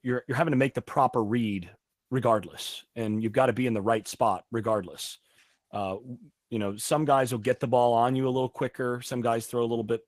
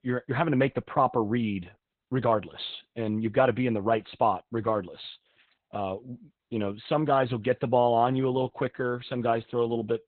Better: first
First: garbled, watery; slightly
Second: garbled, watery; badly; nothing above 4 kHz

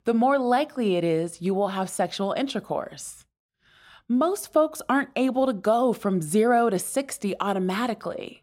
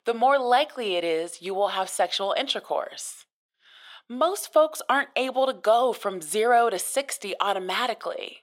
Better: first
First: none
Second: thin; very; fading below 600 Hz

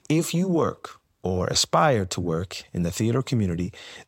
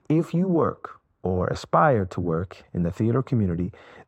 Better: first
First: none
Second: muffled; very; fading above 2.5 kHz

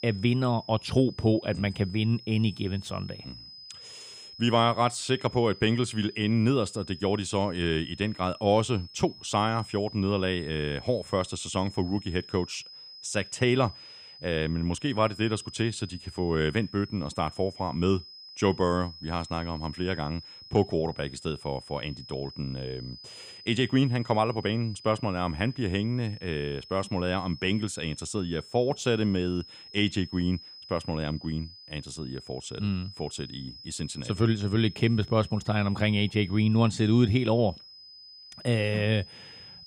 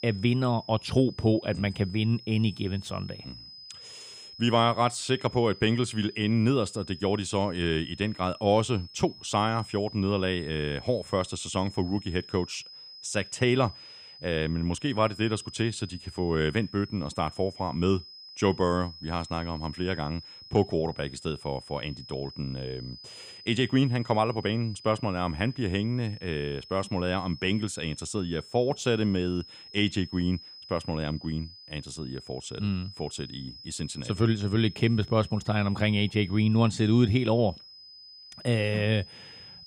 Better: neither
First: high-pitched whine; noticeable; throughout; 5 kHz, 15 dB below the speech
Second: high-pitched whine; noticeable; throughout; 5 kHz, 15 dB below the speech

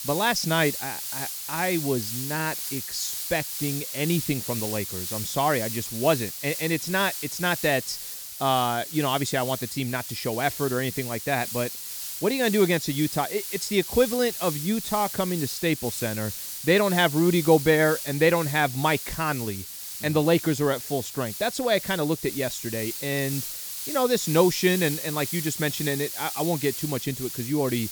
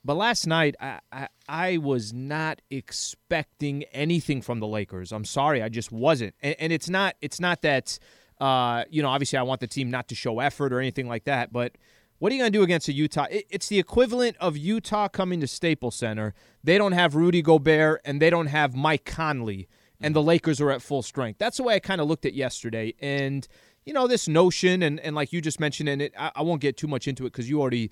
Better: second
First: hiss; loud; throughout; 6 dB below the speech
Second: none

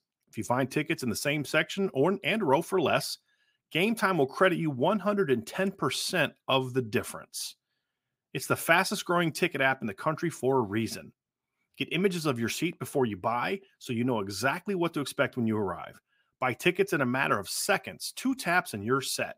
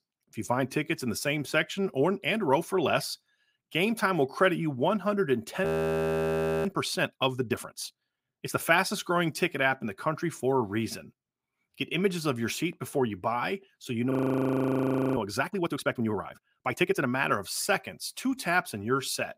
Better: first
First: none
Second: audio freezing; at 5.5 s for 1 s and at 14 s for 1 s

